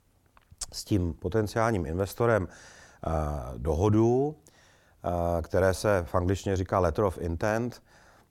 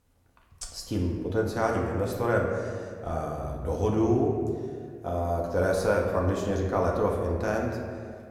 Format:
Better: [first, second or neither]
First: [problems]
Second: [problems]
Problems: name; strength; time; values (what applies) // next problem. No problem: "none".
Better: first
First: none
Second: room echo; noticeable; dies away in 1.6 s // off-mic speech; somewhat distant